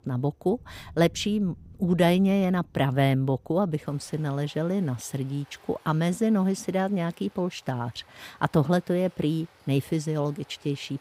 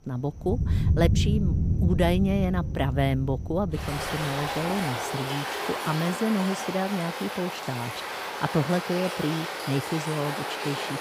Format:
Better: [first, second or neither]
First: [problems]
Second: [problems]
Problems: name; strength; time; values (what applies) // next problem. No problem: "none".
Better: first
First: rain or running water; faint; throughout; 25 dB below the speech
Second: rain or running water; loud; throughout; 1 dB below the speech